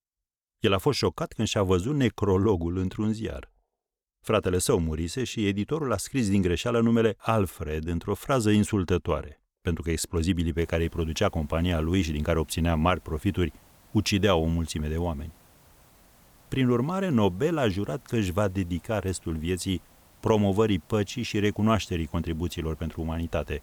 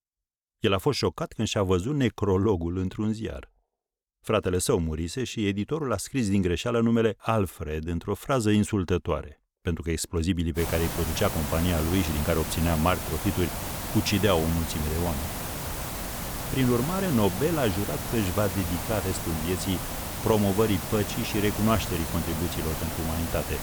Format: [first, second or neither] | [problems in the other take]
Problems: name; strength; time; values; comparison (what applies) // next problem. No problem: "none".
first | hiss; loud; from 11 s on; 5 dB below the speech; faint in the first